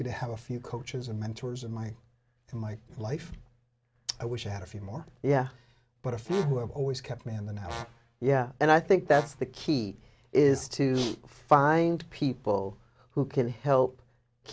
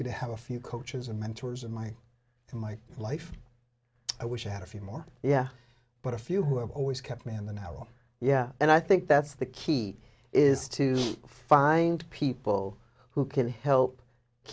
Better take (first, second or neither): second